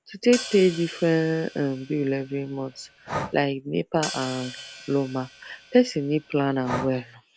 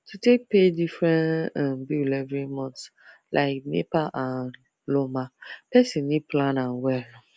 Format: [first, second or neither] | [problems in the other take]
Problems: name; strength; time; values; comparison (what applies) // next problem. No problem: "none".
second | background sound (Breathing + Hi-hat); 12 dB below the speech